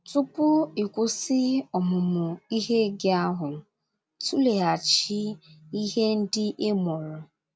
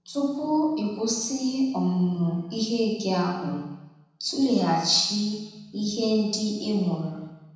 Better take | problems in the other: first | room echo; dies away in 1 s

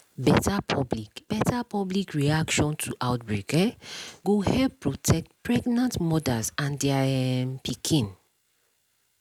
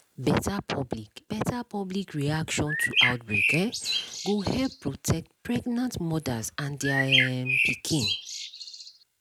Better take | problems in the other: first | background sound (Bird); 2 dB above the speech

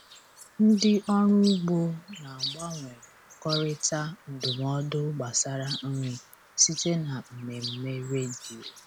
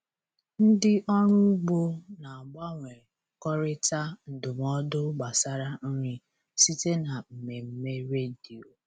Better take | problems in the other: second | background sound (Chirp, tweet); 13 dB below the speech

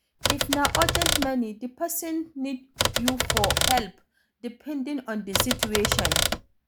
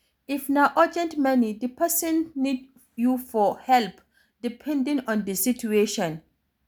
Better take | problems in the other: second | background sound (Typewriter); 4 dB above the speech

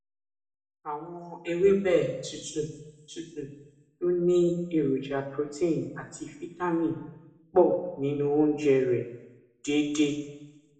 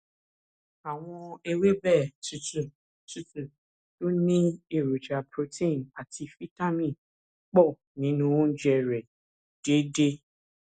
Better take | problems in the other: second | room echo; dies away in 1 s

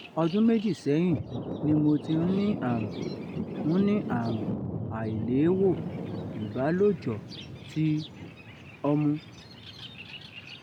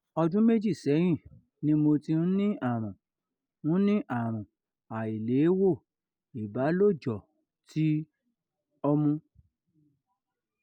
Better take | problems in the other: second | background sound (Thunder); 8 dB below the speech

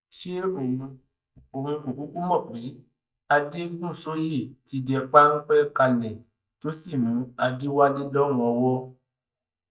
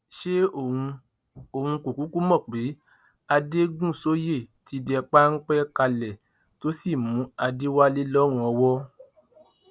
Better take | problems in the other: second | noise reduction (neural mask model DeepFilterNet 3)

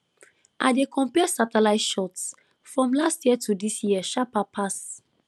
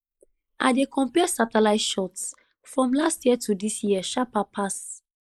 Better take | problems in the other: first | noise reduction (neural mask model Resemble Enhance denoiser)

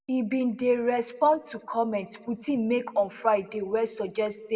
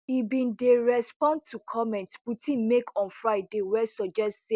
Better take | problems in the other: second | room echo; dies away in 0.7 s

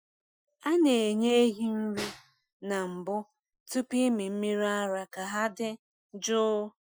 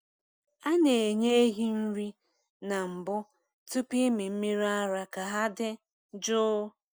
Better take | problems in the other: second | noise reduction (classical method Wiener filter)

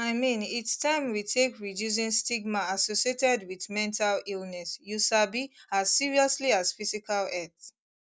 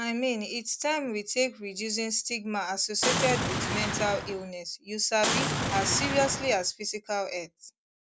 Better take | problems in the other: first | background sound (Boom); as loud as the speech

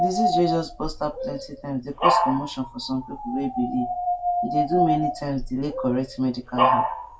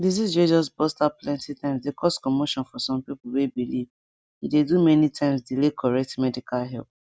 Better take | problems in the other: second | background sound (Dog); 1 dB above the speech // room echo; dies away in 0.2 s

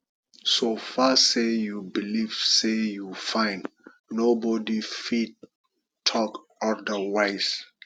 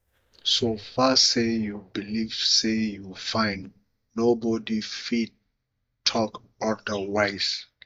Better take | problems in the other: first | noise reduction (neural mask model DeepFilterNet 3)

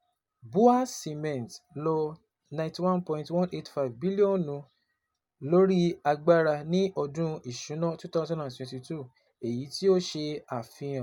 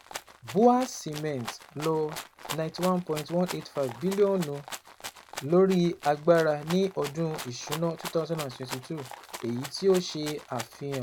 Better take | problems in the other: first | background sound (Rattle (instrument)); 14 dB below the speech

